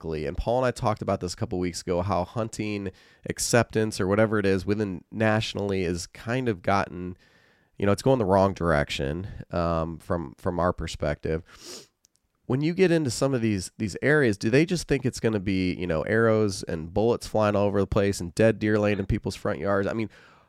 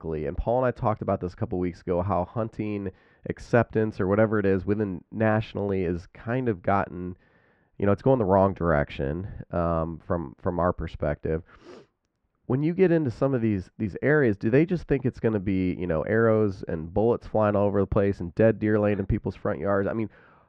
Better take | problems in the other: first | muffled; very; fading above 1.5 kHz

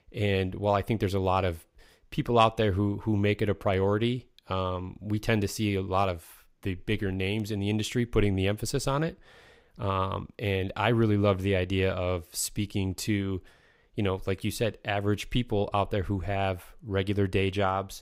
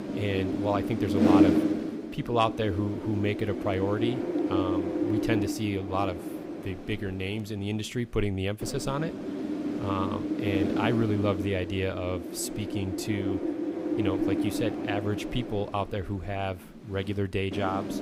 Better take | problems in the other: first | wind noise on the microphone; heavy; 1 dB below the speech

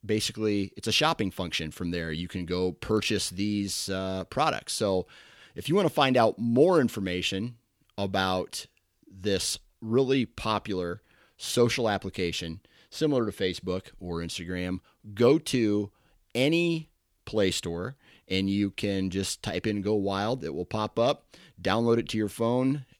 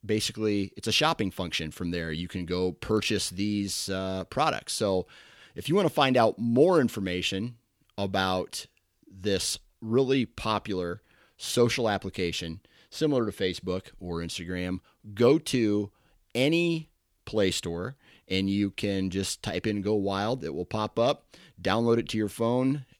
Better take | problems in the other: neither | none

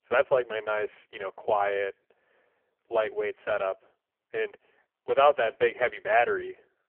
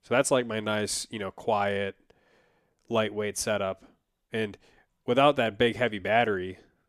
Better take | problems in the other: second | phone-call audio; poor line; nothing above 3 kHz

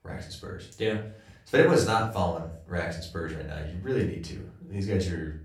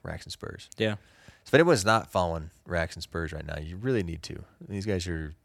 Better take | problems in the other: second | off-mic speech; far // room echo; slight; dies away in 0.4 s

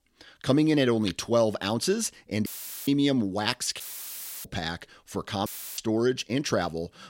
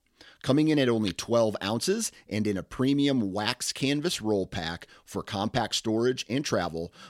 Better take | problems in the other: second | audio cutting out; filled with static; at 2.5 s, at 4 s for 0.5 s and at 5.5 s

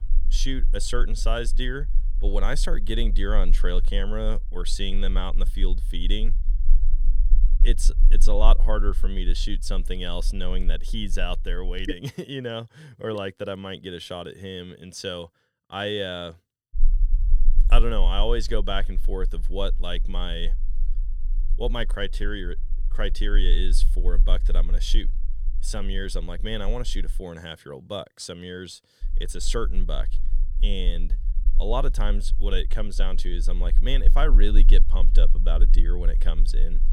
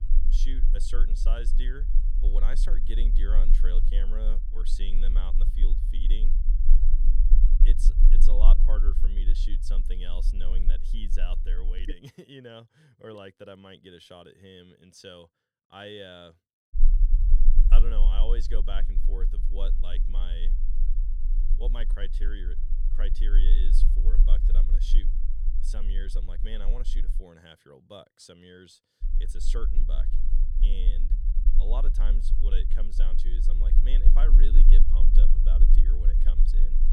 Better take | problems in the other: first | low rumble; loud; until 12 s, from 17 to 27 s and from 29 s on; 9 dB below the speech; faint in the first

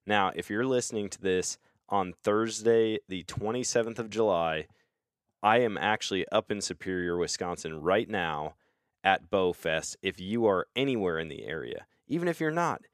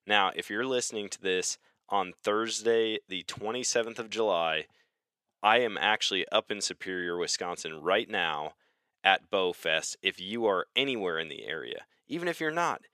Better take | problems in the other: first | thin; very slightly; fading below 850 Hz

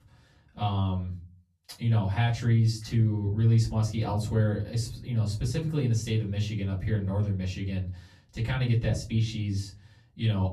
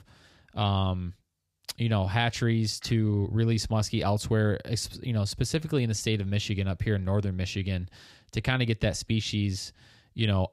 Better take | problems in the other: second | room echo; slight; dies away in 0.4 s // off-mic speech; far

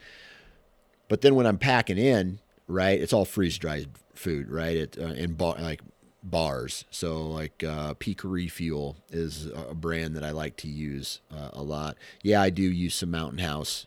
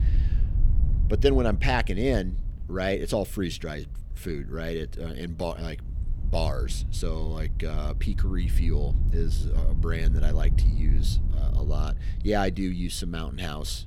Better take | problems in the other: first | wind noise on the microphone; occasional gusts; 15 dB below the speech

